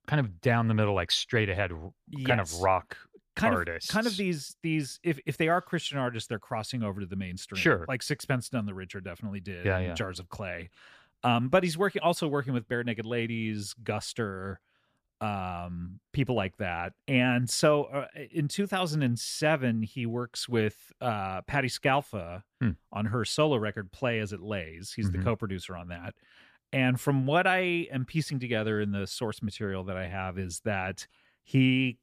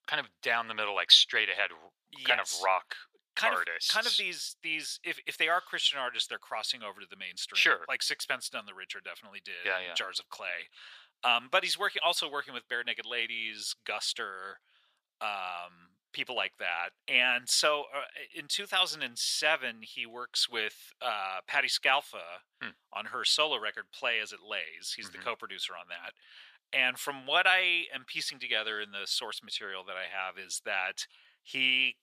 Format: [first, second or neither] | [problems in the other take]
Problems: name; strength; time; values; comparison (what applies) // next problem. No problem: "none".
first | thin; very; fading below 850 Hz